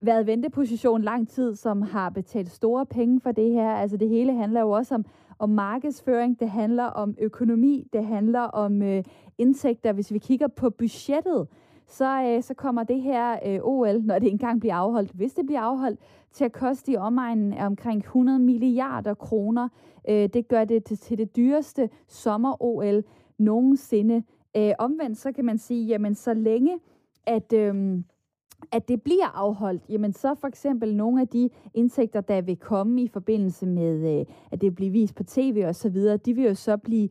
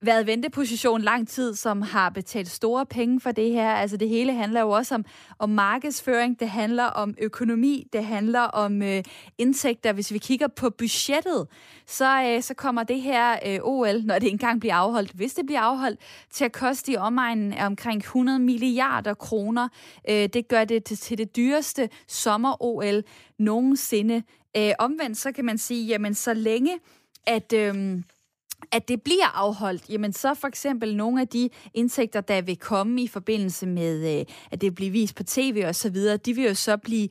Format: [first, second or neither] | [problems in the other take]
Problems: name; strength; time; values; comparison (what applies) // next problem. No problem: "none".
second | muffled; slightly; fading above 1 kHz